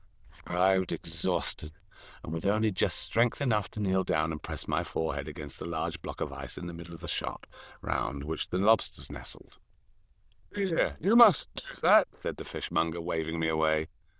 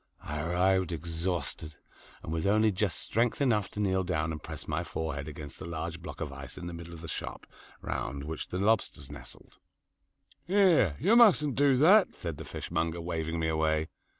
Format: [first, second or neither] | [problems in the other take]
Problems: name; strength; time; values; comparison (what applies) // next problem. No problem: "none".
second | noise reduction (neural diffusion model UNIVERSE++)